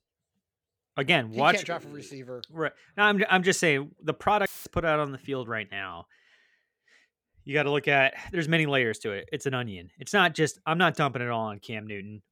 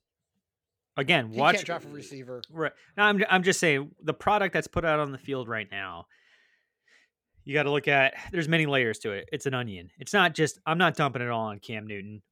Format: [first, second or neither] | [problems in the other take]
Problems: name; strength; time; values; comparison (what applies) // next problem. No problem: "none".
second | audio cutting out; filled with static; at 4.5 s